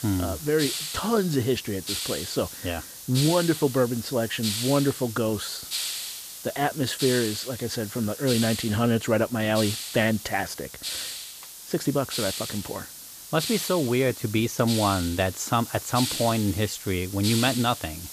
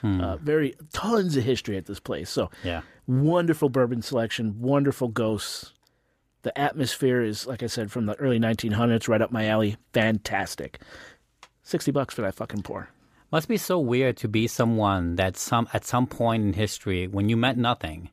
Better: second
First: hiss; loud; throughout; 6 dB below the speech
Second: none

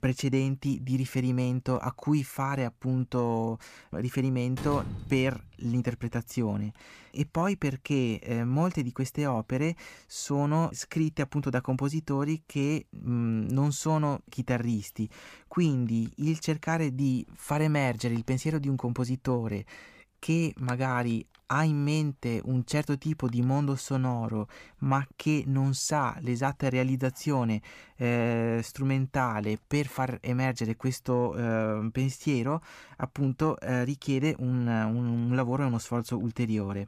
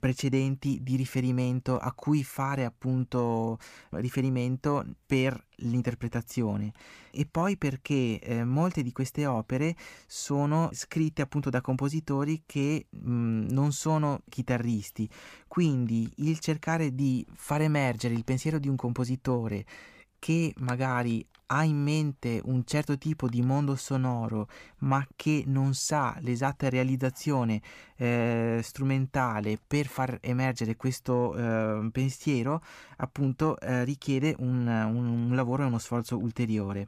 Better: second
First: door banging; noticeable; from 4.5 to 5.5 s; peak 7 dB below the speech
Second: none

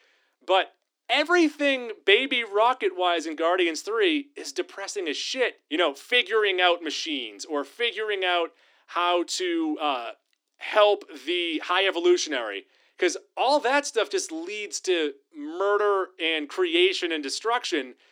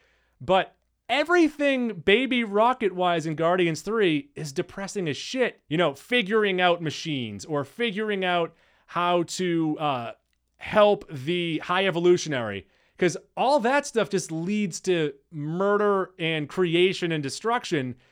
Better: second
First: thin; somewhat; fading below 300 Hz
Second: none

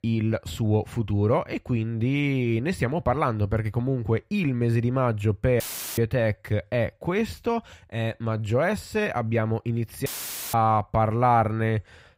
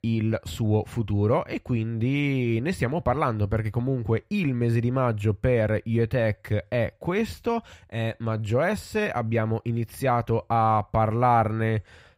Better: second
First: audio cutting out; filled with static; at 5.5 s and at 10 s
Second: none

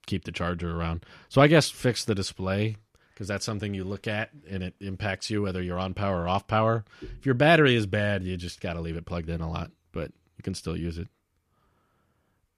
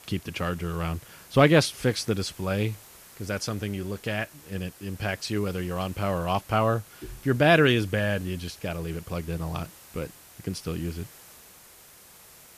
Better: first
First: none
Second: hiss; faint; throughout; 20 dB below the speech

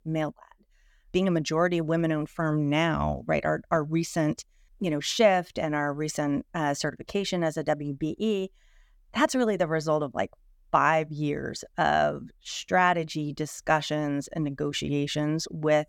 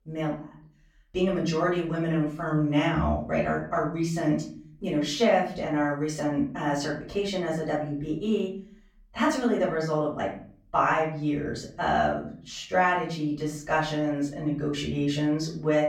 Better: first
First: none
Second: off-mic speech; far // room echo; slight; dies away in 0.5 s

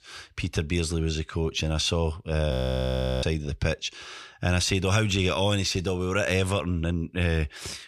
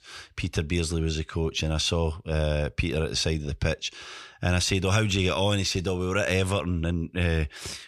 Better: second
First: audio freezing; at 2.5 s for 0.5 s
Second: none

